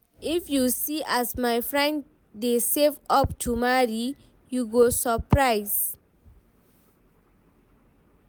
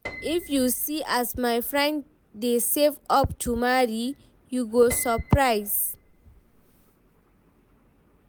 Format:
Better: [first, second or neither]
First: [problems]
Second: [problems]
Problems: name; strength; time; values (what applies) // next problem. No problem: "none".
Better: first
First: none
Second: background sound (Piano); 19 dB below the speech